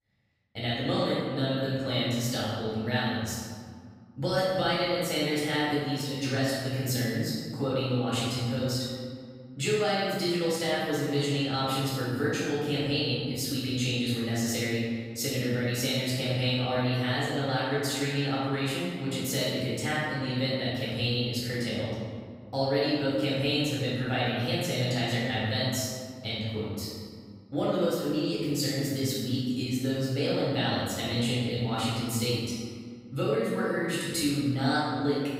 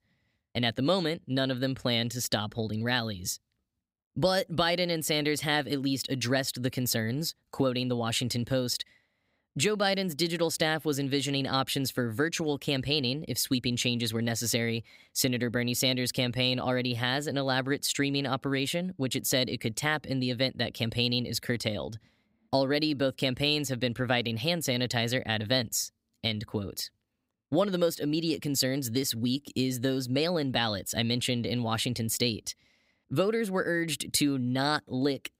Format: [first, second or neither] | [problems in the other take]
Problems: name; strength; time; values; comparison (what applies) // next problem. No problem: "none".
second | room echo; strong; dies away in 1.7 s // off-mic speech; far